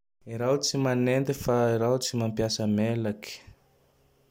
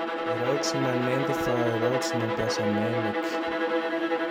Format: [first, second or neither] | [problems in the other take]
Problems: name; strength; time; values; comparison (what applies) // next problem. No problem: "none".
first | background sound (Bowed string instrument); 3 dB above the speech